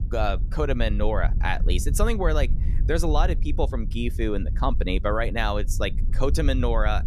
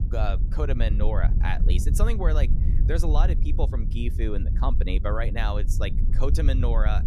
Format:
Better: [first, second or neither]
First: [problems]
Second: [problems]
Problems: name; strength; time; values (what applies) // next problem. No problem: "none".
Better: first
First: wind noise on the microphone; occasional gusts; 15 dB below the speech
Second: wind noise on the microphone; heavy; 10 dB below the speech